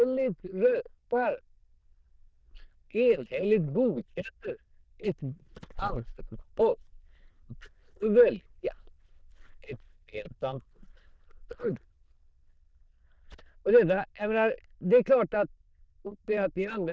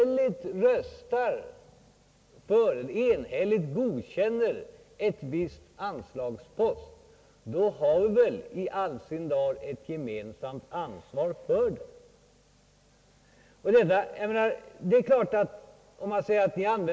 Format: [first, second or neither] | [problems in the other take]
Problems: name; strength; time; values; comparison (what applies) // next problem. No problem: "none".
second | noise reduction (neural diffusion model UNIVERSE++)